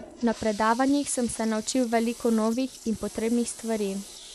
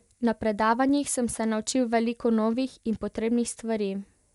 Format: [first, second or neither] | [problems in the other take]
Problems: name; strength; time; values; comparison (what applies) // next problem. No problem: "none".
second | background sound (Toilet flush); 18 dB below the speech